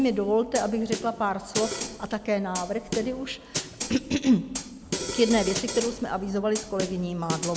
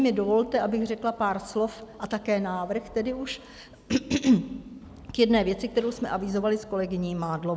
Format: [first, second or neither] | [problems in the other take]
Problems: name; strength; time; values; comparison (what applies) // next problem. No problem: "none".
second | background sound (Snare drum); 8 dB below the speech